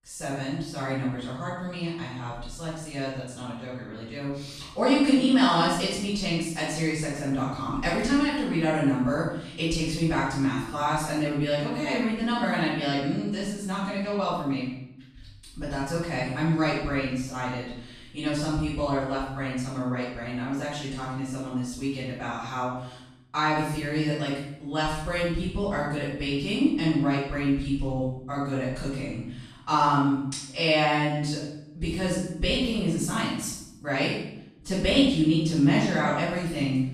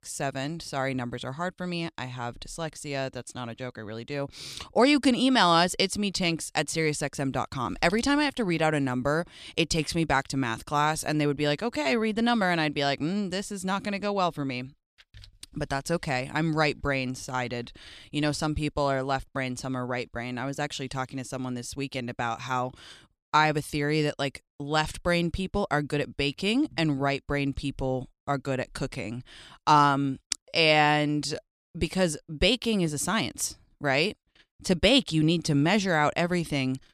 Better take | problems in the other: second | room echo; strong; dies away in 0.7 s // off-mic speech; far

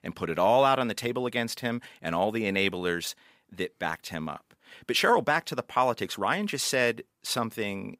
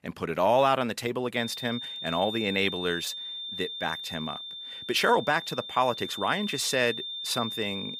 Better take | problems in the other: first | high-pitched whine; loud; from 1.5 s on; 3.5 kHz, 7 dB below the speech

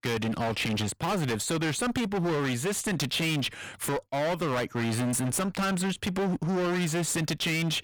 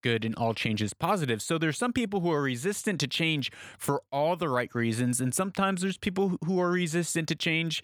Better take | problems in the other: second | distortion; heavy; 35% of the sound clipped

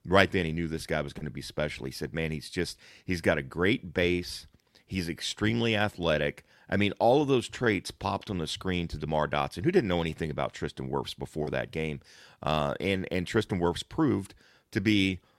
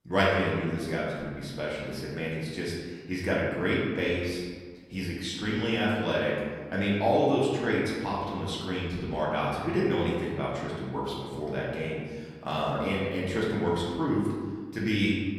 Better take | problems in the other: first | room echo; noticeable; dies away in 1.4 s // off-mic speech; far

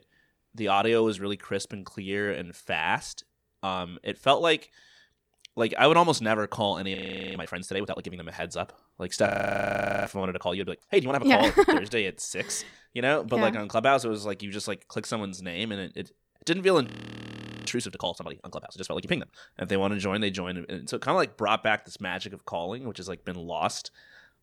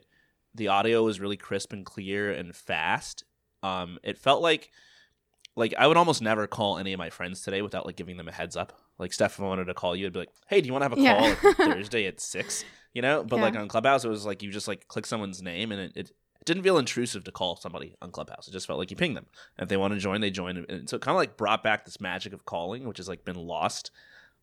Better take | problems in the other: second | audio freezing; at 7 s, at 9.5 s for 1 s and at 17 s for 1 s

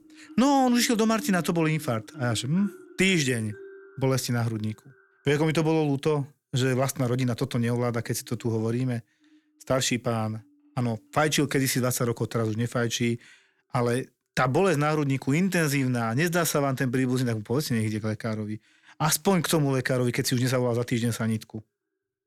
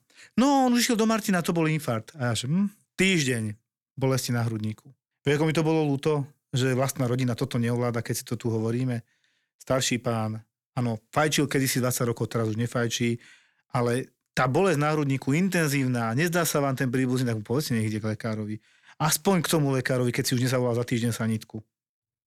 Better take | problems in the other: second | background music; faint; throughout; 20 dB below the speech

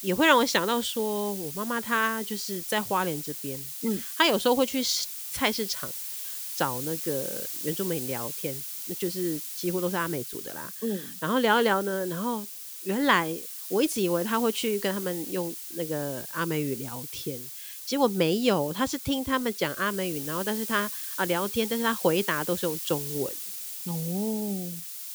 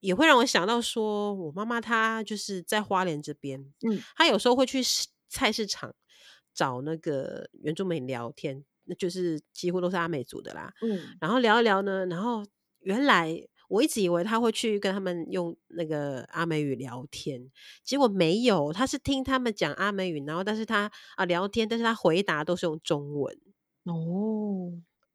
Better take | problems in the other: second | hiss; loud; throughout; 6 dB below the speech

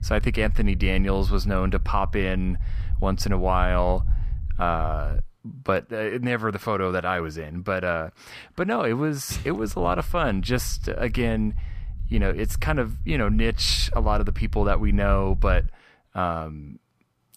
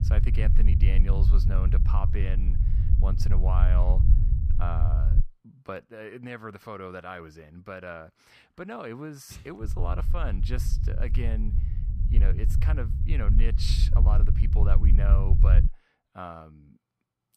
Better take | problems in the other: first | low rumble; loud; until 5 s and from 9.5 to 16 s; 5 dB below the speech; faint in the first

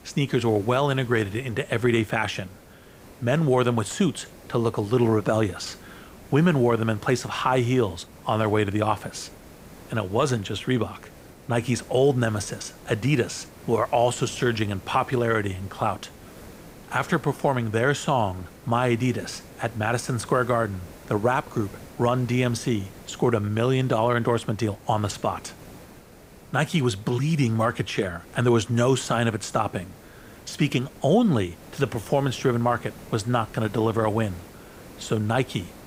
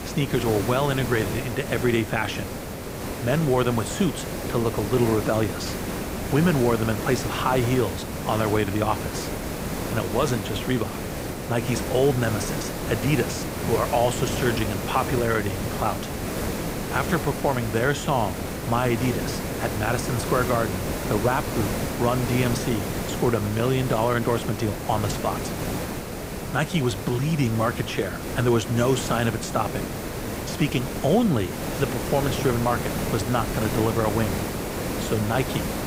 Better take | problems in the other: first | hiss; loud; throughout; 5 dB below the speech; faint in the first

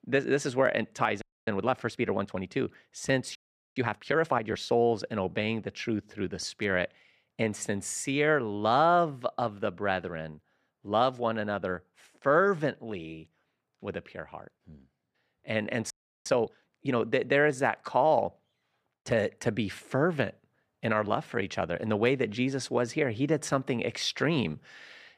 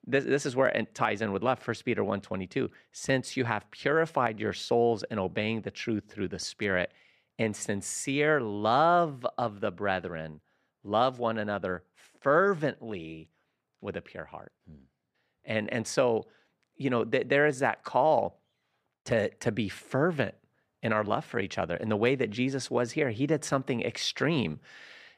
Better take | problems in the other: second | audio freezing; at 1 s, at 3.5 s and at 16 s

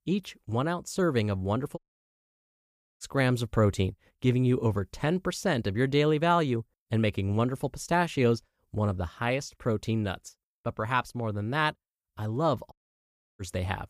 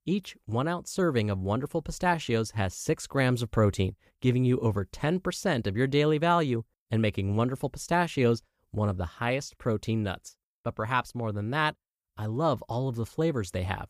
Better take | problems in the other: second | audio cutting out; at 2 s for 1 s and at 13 s for 0.5 s

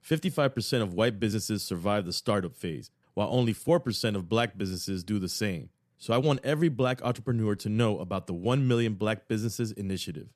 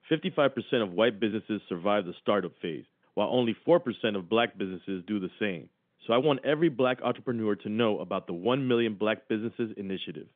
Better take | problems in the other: first | phone-call audio; nothing above 3.5 kHz

